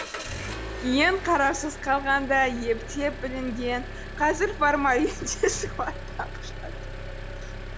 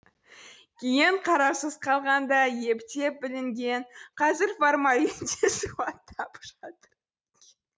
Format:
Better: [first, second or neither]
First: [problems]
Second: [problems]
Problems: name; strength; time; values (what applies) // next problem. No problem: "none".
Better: second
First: background sound (Engine); 9 dB below the speech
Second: none